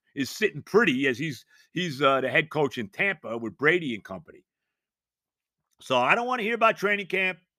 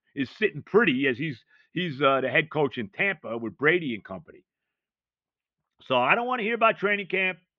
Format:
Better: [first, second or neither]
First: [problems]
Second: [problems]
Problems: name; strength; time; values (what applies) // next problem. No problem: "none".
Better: first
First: none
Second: muffled; very; fading above 3 kHz